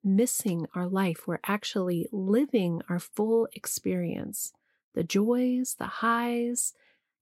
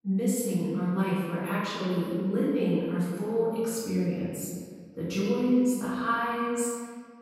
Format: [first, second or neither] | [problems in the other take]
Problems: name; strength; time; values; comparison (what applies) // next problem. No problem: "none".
first | room echo; strong; dies away in 1.7 s // off-mic speech; far